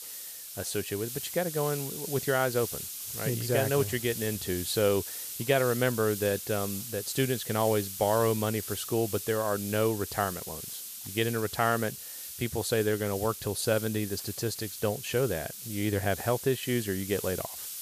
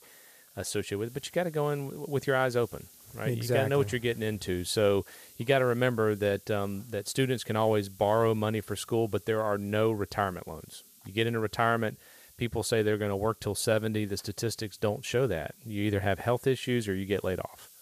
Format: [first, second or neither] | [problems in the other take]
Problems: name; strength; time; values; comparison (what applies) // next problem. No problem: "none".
second | hiss; loud; throughout; 7 dB below the speech; faint in the second